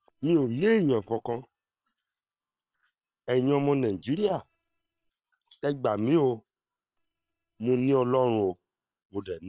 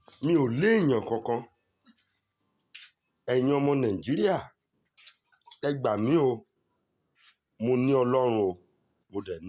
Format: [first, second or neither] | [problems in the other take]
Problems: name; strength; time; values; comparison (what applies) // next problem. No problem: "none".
second | noise reduction (neural separator model SepFormer WHAM!)